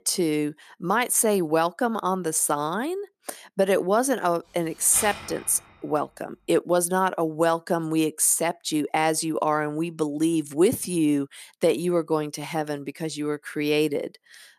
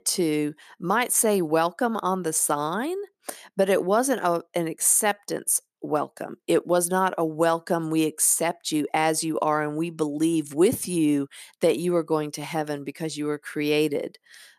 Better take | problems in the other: second | keyboard typing; noticeable; at 5 s; peak 9 dB below the speech

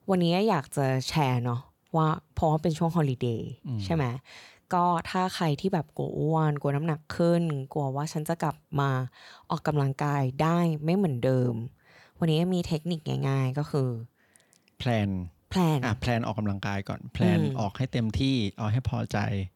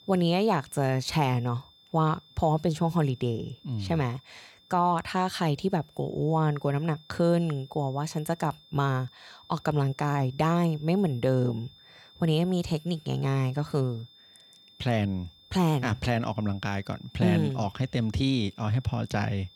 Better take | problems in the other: first | high-pitched whine; faint; throughout; 3.5 kHz, 25 dB below the speech

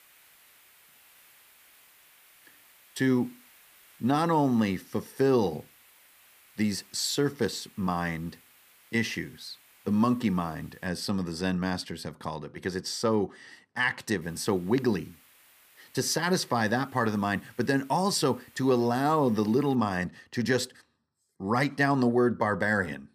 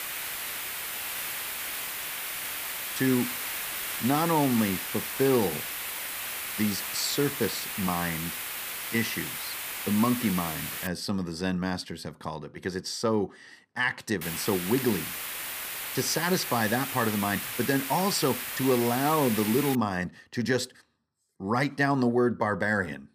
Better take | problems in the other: first | hiss; loud; until 11 s and from 14 to 20 s; 4 dB below the speech; faint in the first

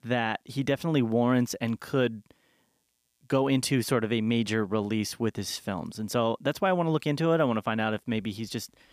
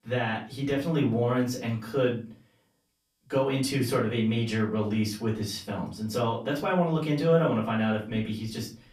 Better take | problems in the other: first | off-mic speech; far // room echo; slight; dies away in 0.3 s

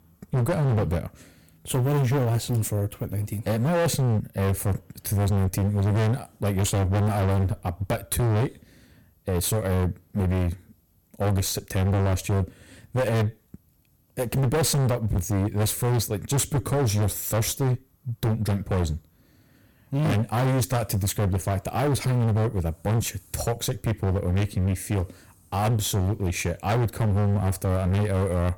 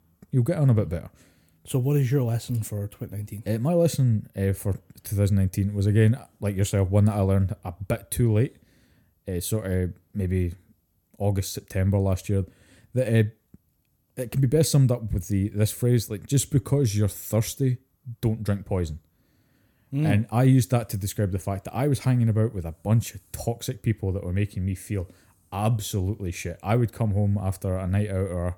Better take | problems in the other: second | distortion; heavy; 30% of the sound clipped

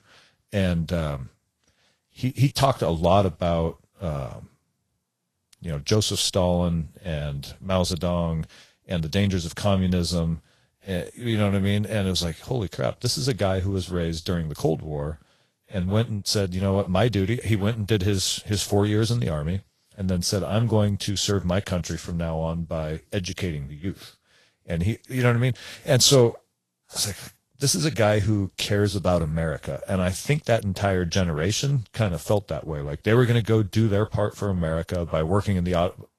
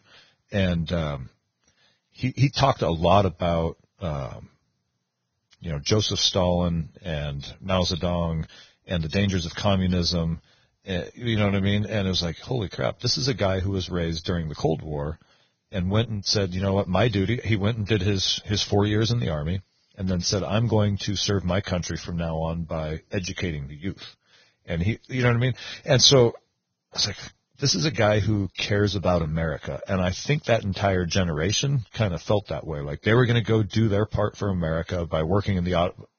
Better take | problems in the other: first | garbled, watery; badly; nothing above 6.5 kHz; slightly in the first

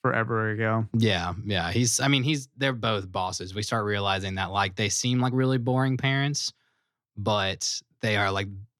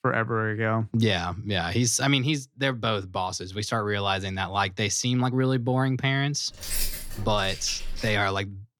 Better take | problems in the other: first | jangling keys; noticeable; from 6.5 to 8 s; peak 3 dB below the speech

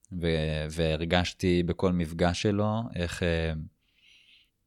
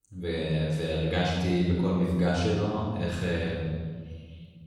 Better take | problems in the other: first | room echo; strong; dies away in 1.6 s // off-mic speech; far

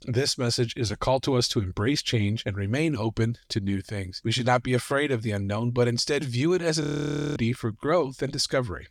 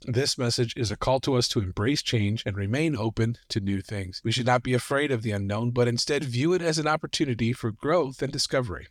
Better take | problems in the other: second | audio freezing; at 7 s for 0.5 s

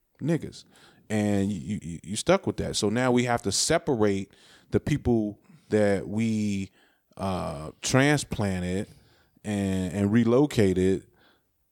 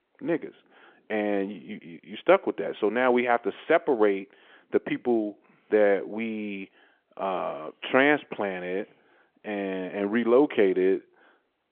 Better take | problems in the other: first | phone-call audio

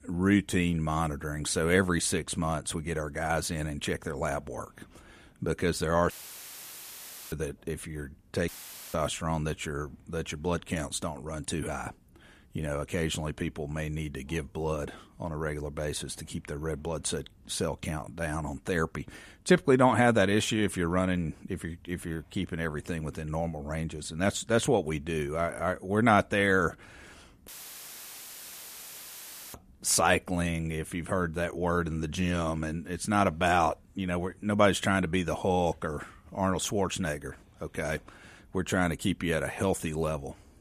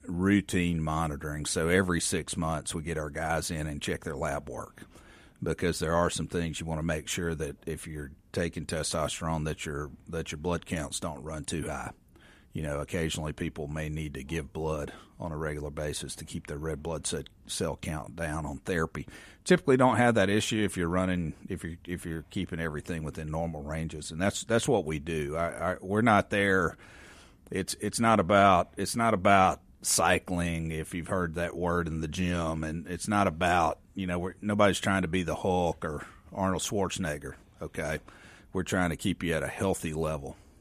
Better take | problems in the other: second | audio cutting out; filled with static; at 6 s for 1 s, at 8.5 s and at 27 s for 2 s

